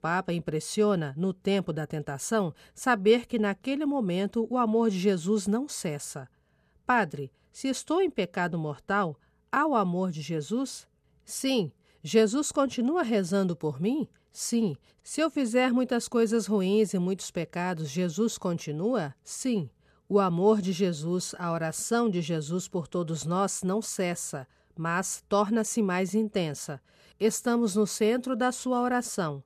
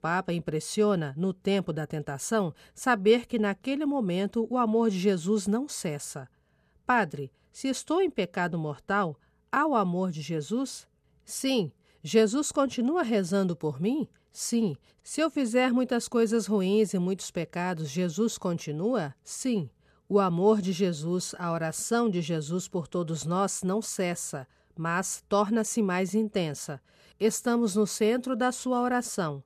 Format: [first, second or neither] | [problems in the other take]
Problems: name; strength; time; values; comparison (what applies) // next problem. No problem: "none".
neither | none